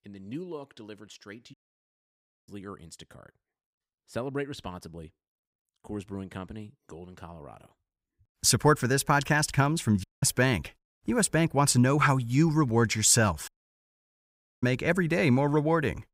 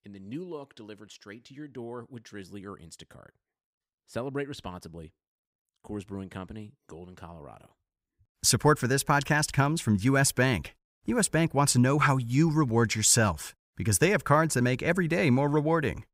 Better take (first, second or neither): second